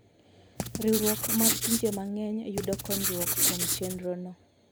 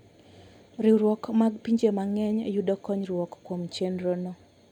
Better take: second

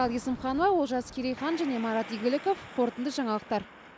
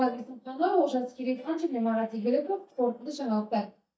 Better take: first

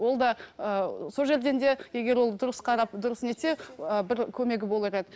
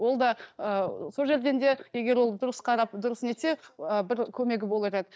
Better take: first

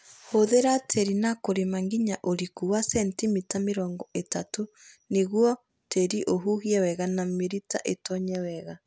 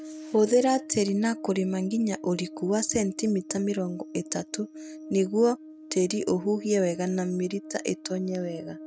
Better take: first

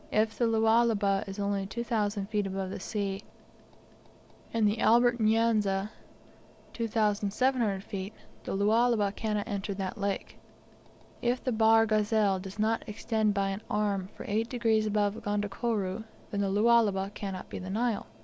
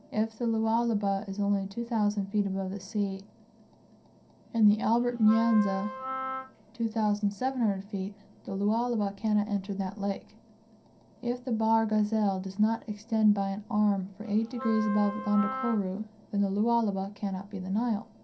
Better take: first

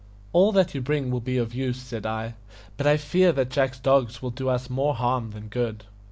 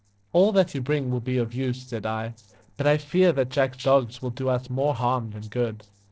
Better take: first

